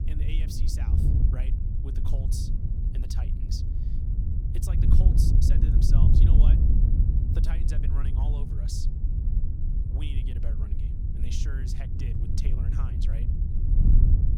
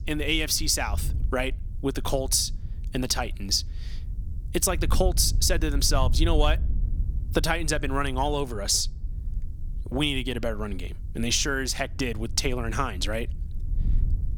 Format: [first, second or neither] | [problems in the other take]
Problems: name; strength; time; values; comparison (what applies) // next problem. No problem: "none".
second | wind noise on the microphone; heavy; 3 dB above the speech; occasional gusts in the second